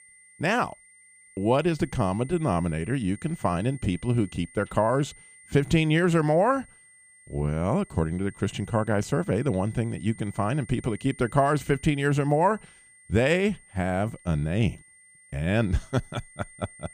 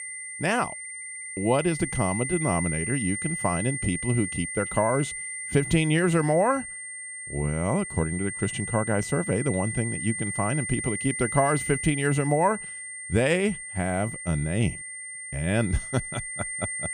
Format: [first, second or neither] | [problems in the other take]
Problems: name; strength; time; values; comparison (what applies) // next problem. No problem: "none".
first | high-pitched whine; loud; throughout; 2 kHz, 6 dB below the speech; faint in the first